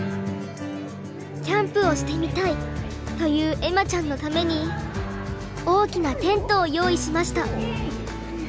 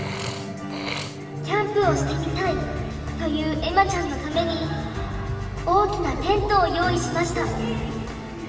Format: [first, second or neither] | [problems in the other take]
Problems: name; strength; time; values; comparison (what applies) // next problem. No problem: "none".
first | background sound (Burping, eructation); 19 dB below the speech // room echo; dies away in 2.3 s